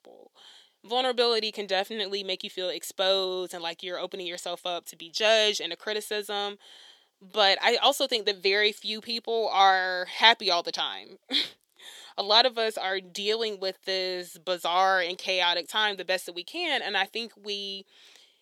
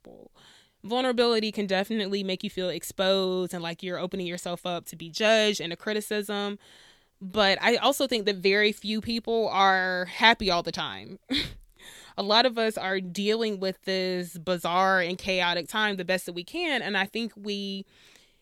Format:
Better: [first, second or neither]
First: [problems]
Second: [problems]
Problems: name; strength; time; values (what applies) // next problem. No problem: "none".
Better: second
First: thin; somewhat; fading below 400 Hz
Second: none